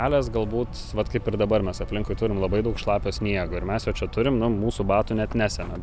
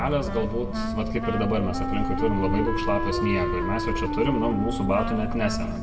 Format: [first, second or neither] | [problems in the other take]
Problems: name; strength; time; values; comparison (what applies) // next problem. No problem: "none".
first | background sound (Wind instrument, woodwind instrument); 4 dB below the speech // room echo; dies away in 1.2 s